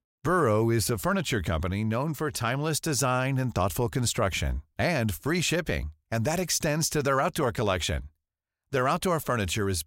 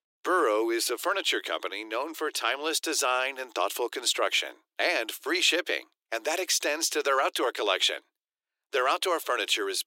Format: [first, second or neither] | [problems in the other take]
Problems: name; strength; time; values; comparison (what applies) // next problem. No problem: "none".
first | thin; very; fading below 300 Hz